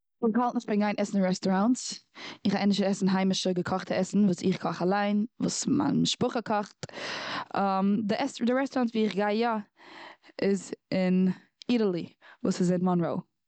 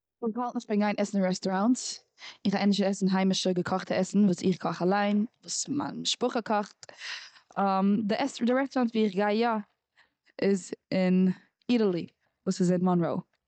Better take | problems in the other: first | noise reduction (neural mask model DeepFilterNet 3)

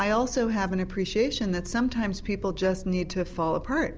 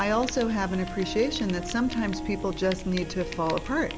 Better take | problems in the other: first | background sound (Harp + Fire); 10 dB below the speech

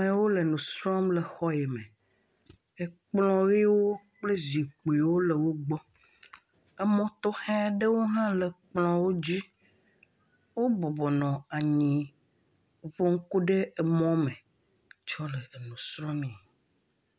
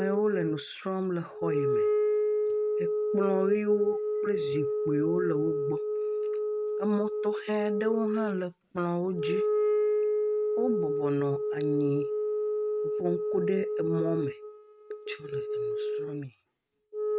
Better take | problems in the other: first | noise reduction (neural mask model RNNoise)

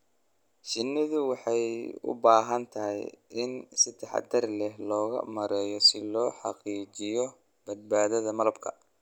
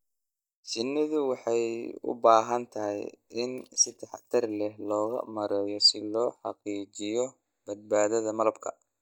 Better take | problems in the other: first | noise reduction (neural mask model DeepFilterNet 3)

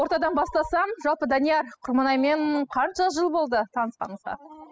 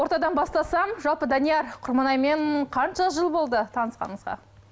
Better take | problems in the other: second | noise reduction (classical method spectral subtraction)

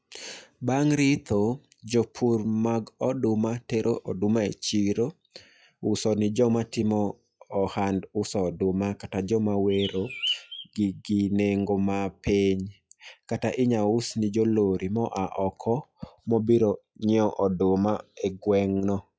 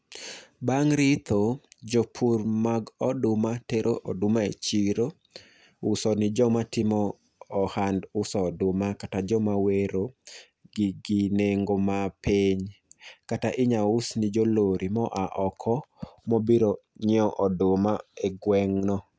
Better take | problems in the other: second | noise reduction (classical method log-MMSE)

